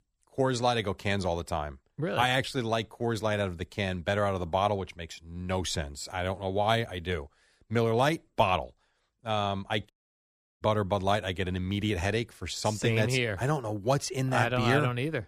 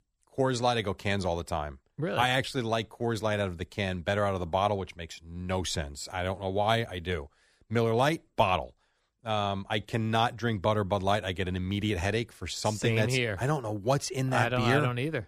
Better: second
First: audio cutting out; at 10 s for 0.5 s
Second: none

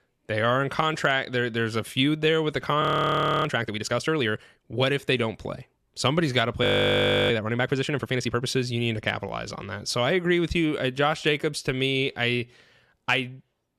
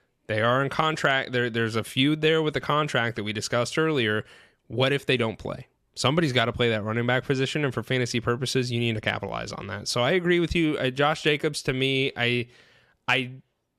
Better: second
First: audio freezing; at 3 s for 0.5 s and at 6.5 s for 0.5 s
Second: none

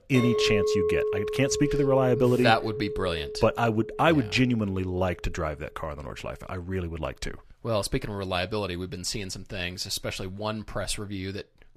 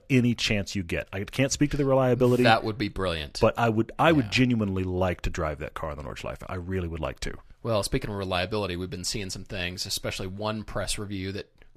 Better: second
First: clattering dishes; loud; until 4.5 s; peak 3 dB above the speech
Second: none

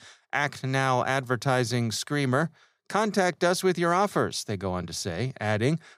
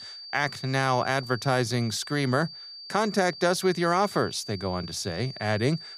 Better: first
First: none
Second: high-pitched whine; noticeable; throughout; 4.5 kHz, 15 dB below the speech

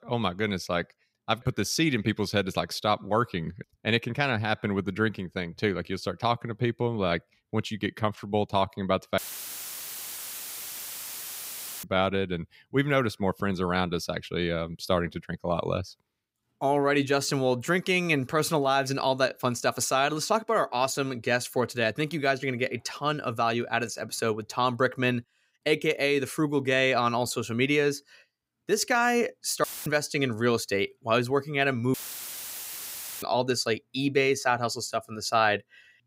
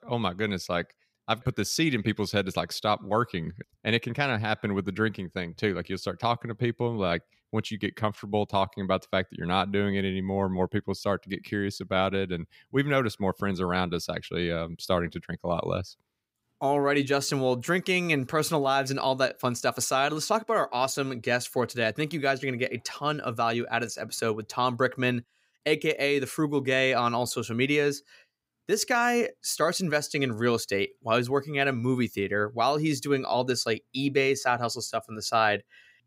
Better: second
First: audio cutting out; filled with static; at 9 s for 2.5 s, at 30 s and at 32 s for 1.5 s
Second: none

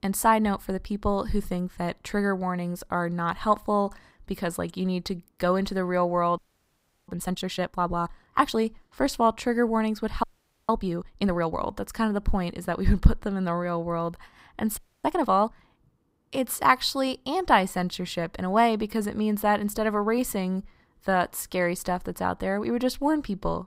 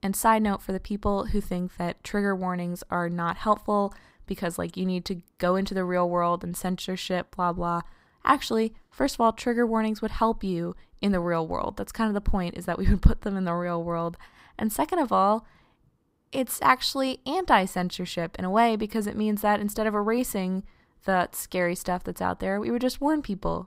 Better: second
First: audio freezing; at 6.5 s for 0.5 s, at 10 s and at 15 s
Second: none

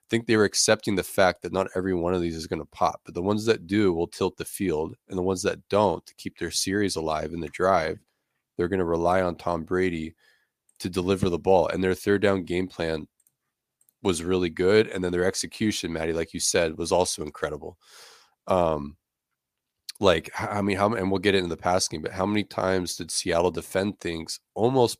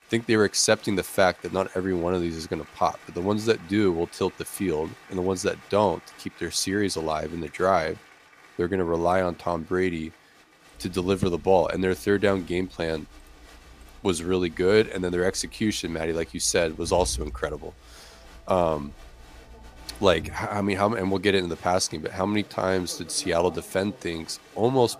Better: first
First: none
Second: crowd noise; faint; throughout; 20 dB below the speech

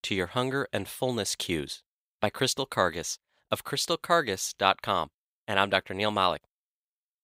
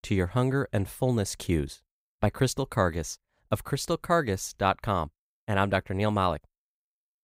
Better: second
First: thin; somewhat; fading below 450 Hz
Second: none

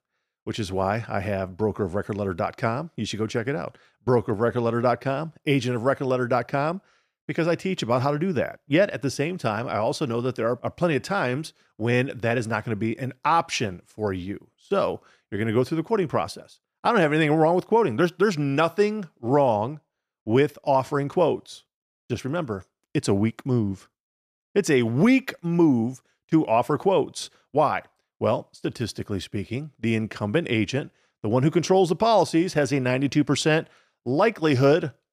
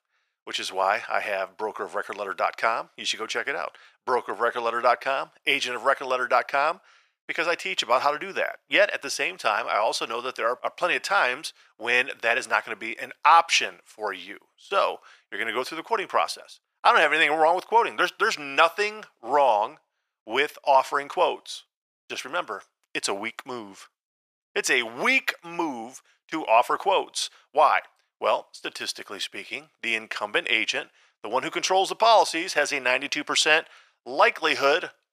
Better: first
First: none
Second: thin; very; fading below 850 Hz

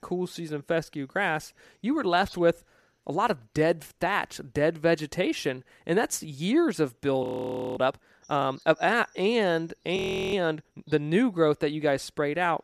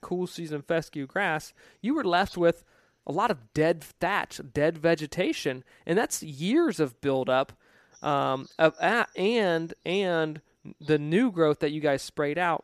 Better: second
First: audio freezing; at 7 s for 0.5 s and at 10 s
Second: none

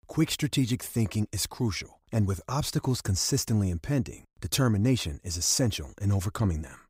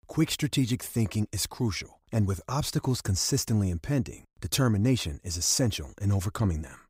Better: neither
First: none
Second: none

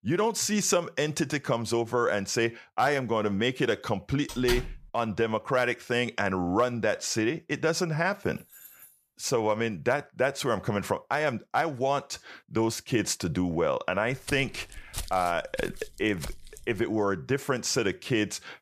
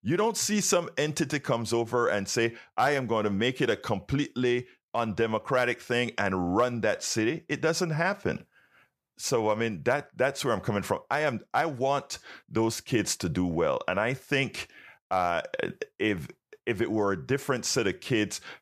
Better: second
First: door banging; noticeable; at 4.5 s; peak 5 dB below the speech // jangling keys; faint; at 8 s; peak 20 dB below the speech // footsteps; noticeable; from 14 to 17 s; peak 10 dB below the speech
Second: none

